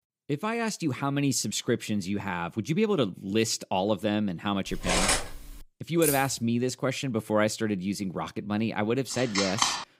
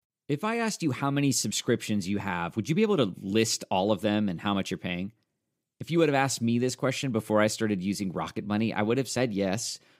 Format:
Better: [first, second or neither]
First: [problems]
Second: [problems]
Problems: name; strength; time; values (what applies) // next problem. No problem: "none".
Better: second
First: clattering dishes; loud; at 4.5 s; peak 4 dB above the speech // jangling keys; noticeable; at 6 s; peak 1 dB below the speech // phone ringing; loud; at 9 s; peak 3 dB above the speech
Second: none